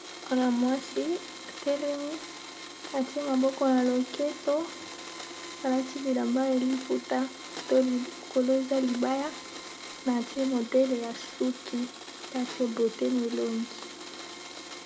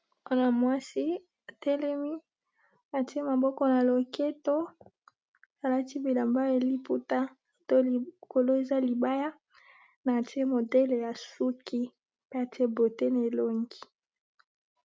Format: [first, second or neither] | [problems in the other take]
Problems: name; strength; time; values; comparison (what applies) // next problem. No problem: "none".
second | background sound (Domestic sounds, home sounds); 13 dB below the speech // room echo; dies away in 0.8 s